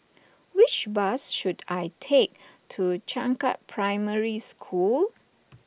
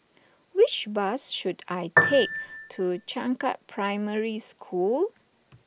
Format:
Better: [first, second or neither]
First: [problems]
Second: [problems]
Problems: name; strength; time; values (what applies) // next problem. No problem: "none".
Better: first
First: none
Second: background sound (Piano); 2 dB above the speech